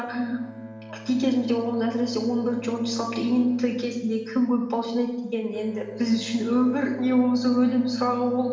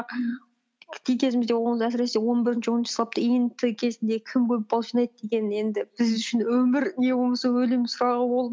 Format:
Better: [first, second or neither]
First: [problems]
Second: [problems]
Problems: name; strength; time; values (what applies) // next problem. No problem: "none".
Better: second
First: background sound (Bowed string instrument); 17 dB below the speech // room echo; dies away in 0.9 s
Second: none